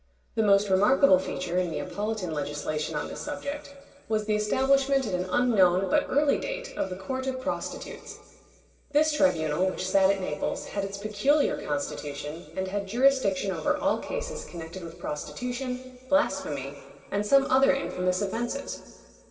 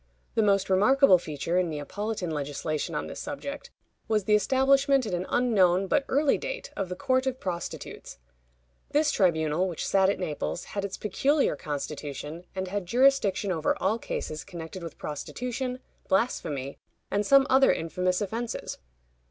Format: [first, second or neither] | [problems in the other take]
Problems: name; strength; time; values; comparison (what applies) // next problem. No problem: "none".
second | room echo; dies away in 2.2 s